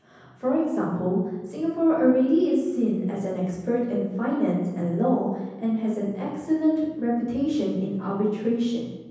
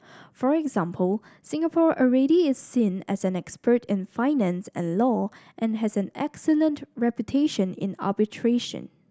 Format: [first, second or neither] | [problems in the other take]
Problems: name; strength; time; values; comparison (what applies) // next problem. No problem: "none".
second | room echo; dies away in 1.1 s